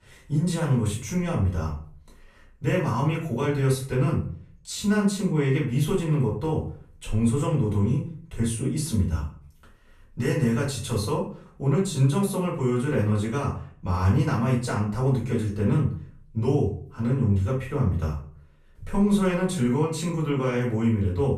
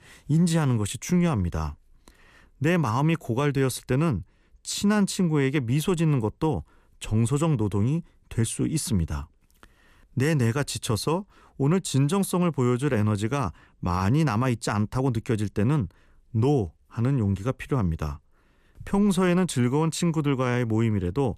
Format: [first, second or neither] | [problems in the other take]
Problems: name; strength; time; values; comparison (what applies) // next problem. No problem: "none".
second | room echo; slight; dies away in 0.4 s // off-mic speech; far